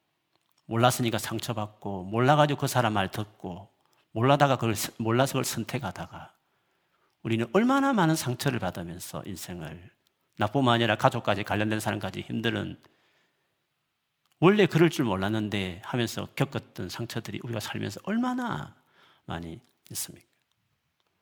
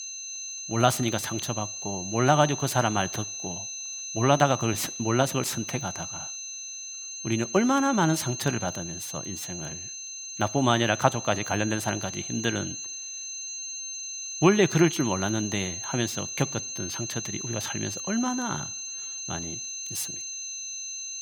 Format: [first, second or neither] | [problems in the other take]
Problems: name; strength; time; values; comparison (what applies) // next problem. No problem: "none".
first | high-pitched whine; loud; throughout; 6.5 kHz, 6 dB below the speech